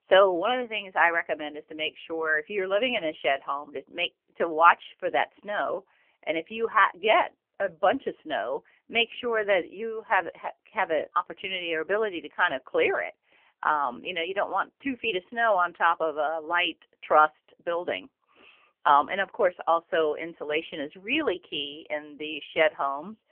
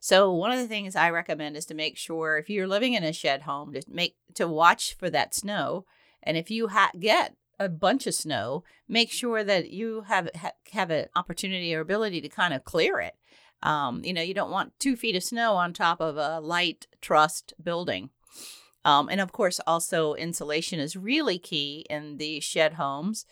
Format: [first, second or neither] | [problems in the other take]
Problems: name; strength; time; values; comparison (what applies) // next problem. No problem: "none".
second | phone-call audio; poor line; nothing above 3 kHz